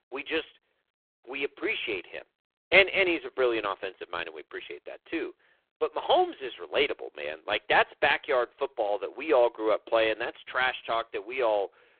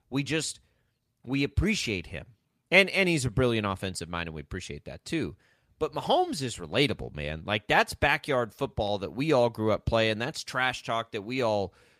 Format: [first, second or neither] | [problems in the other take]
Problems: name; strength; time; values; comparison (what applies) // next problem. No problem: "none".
second | phone-call audio; poor line